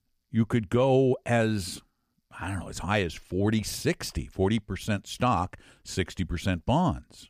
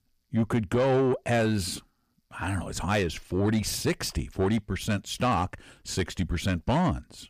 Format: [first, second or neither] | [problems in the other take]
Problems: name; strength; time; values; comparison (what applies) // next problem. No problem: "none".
first | distortion; slight; 10 dB below the speech